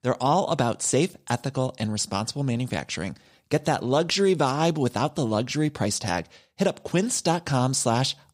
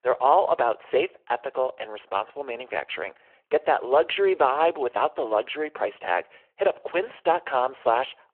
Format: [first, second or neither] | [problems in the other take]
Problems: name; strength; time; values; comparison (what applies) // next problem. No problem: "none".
first | phone-call audio